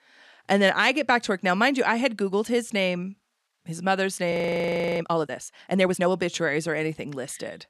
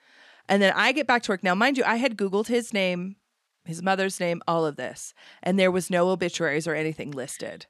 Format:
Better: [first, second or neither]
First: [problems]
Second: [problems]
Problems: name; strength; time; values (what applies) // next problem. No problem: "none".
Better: second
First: audio freezing; at 4.5 s for 0.5 s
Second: none